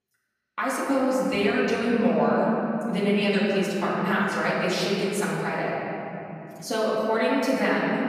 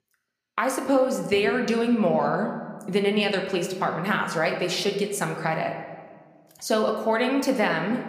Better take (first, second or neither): second